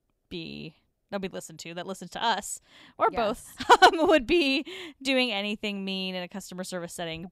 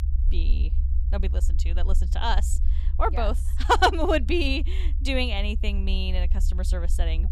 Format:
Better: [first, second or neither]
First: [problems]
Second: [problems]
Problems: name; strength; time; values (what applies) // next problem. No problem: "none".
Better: first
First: none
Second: low rumble; faint; throughout; 20 dB below the speech